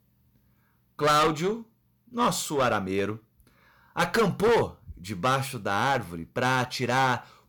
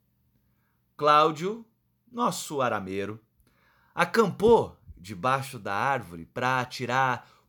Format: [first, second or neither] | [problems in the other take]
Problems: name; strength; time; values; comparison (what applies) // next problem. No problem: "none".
second | distortion; heavy; 8% of the sound clipped